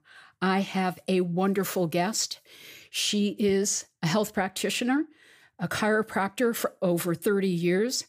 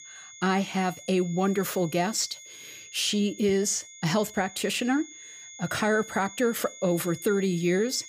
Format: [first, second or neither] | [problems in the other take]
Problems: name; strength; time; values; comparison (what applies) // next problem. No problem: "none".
first | high-pitched whine; noticeable; throughout; 6.5 kHz, 15 dB below the speech